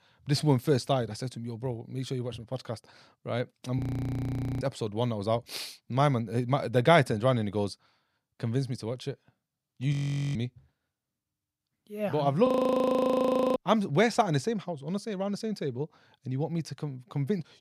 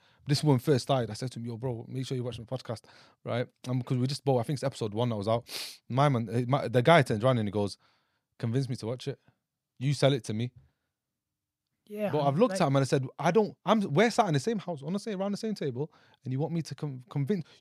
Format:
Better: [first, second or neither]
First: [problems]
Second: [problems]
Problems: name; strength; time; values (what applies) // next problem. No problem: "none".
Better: second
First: audio freezing; at 4 s for 1 s, at 10 s and at 12 s for 1 s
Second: none